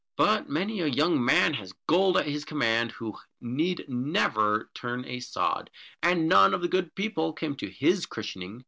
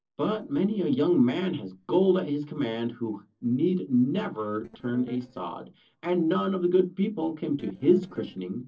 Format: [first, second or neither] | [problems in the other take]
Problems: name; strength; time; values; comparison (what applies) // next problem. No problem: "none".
first | noise reduction (neural separator model SepFormer DNS4)